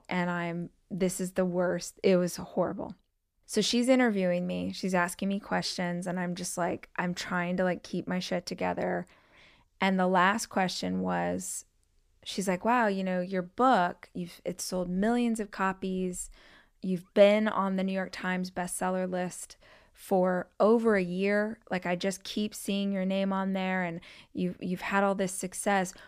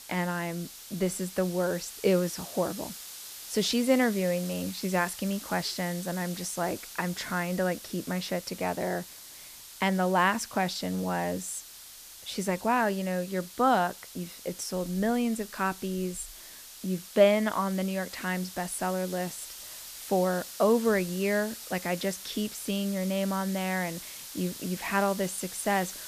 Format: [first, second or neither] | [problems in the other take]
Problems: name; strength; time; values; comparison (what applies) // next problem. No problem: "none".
first | hiss; noticeable; throughout; 10 dB below the speech